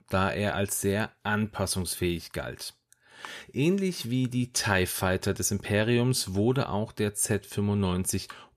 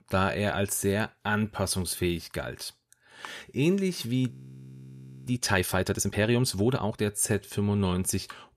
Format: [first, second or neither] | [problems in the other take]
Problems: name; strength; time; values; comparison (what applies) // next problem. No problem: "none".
first | audio freezing; at 4.5 s for 1 s